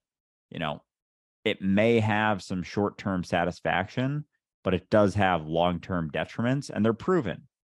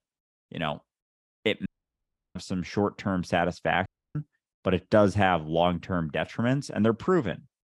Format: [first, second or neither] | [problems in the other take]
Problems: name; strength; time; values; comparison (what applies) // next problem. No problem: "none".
first | audio cutting out; at 1.5 s for 0.5 s and at 4 s